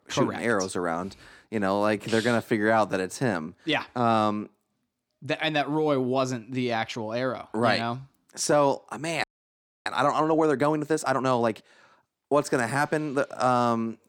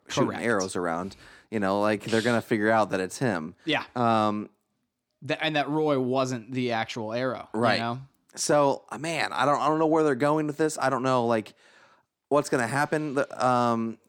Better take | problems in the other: second | audio freezing; at 9 s for 0.5 s

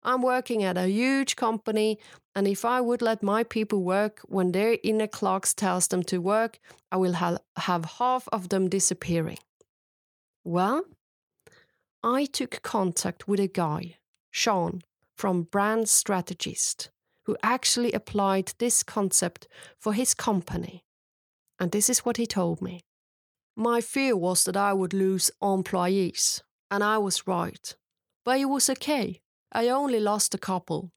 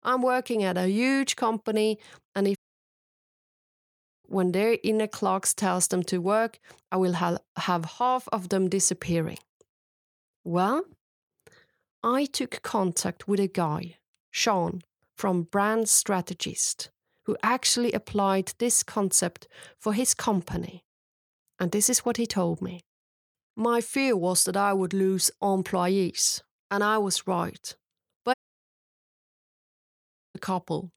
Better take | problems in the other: first | audio cutting out; at 2.5 s for 1.5 s and at 28 s for 2 s

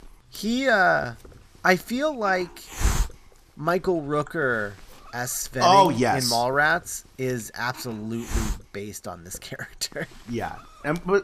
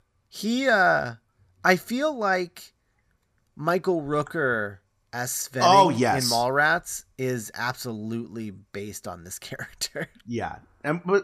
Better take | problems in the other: second | hiss; noticeable; throughout; 10 dB below the speech

